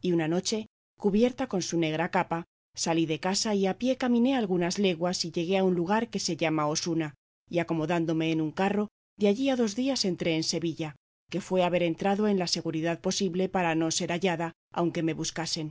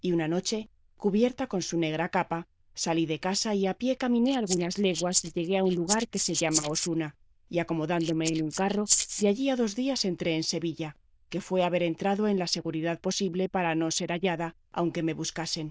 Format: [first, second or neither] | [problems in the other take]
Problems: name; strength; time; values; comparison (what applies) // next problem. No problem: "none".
first | noise reduction (neural diffusion model UNIVERSE++)